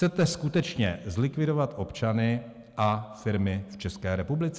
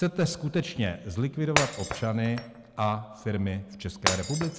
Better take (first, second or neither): first